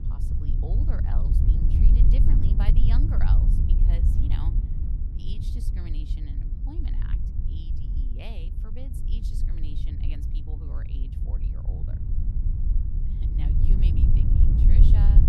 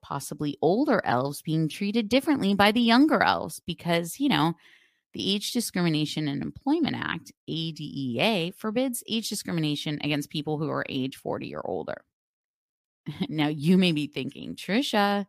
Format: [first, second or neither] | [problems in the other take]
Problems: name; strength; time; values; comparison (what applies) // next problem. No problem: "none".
second | wind noise on the microphone; heavy; 3 dB above the speech